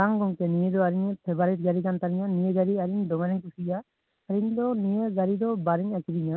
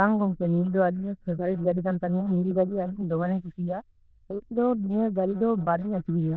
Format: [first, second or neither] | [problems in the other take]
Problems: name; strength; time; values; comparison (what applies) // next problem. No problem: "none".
first | noise reduction (neural diffusion model UNIVERSE++)